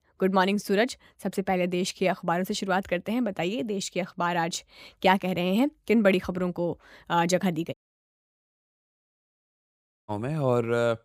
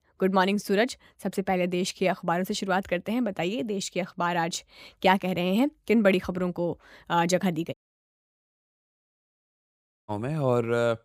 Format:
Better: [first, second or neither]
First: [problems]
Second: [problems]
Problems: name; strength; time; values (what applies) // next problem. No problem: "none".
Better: neither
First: audio cutting out; at 7.5 s for 2.5 s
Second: audio cutting out; at 7.5 s for 2.5 s